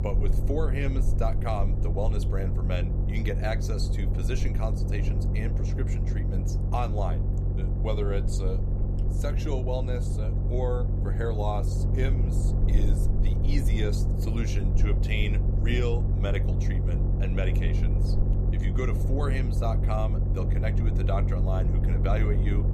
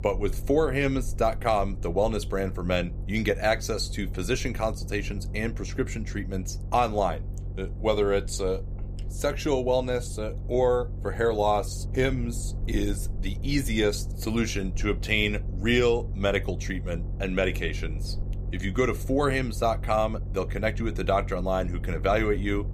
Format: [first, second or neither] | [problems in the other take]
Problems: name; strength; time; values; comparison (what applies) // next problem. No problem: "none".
second | low rumble; loud; throughout; 5 dB below the speech; faint in the second